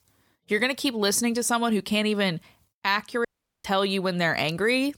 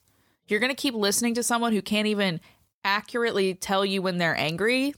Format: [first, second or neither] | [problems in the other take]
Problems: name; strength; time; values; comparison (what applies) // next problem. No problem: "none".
second | audio cutting out; at 3.5 s